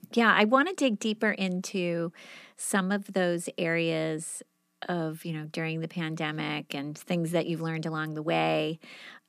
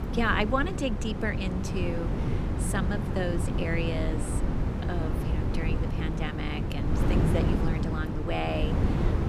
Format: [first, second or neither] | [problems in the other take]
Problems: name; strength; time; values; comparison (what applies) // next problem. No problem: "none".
first | wind noise on the microphone; heavy; 4 dB below the speech